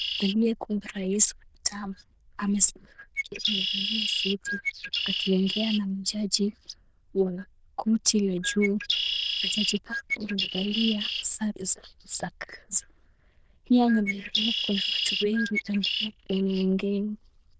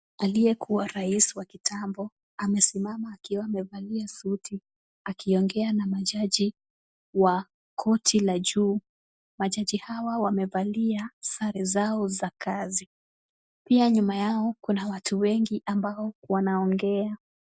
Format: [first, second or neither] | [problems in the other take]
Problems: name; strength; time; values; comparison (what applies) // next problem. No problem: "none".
second | noise reduction (neural diffusion model UNIVERSE++)